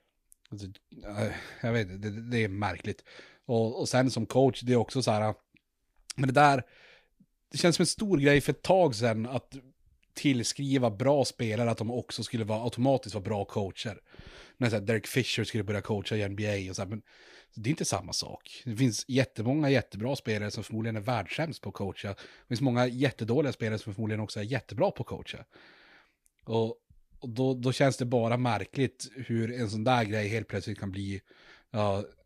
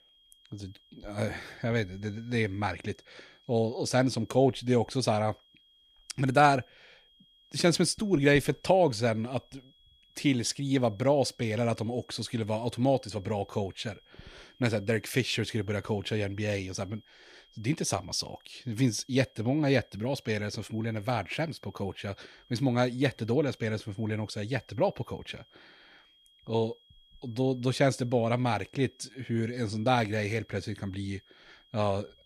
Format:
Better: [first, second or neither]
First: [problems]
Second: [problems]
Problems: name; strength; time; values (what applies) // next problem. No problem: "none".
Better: first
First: none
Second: high-pitched whine; faint; throughout; 3.5 kHz, 30 dB below the speech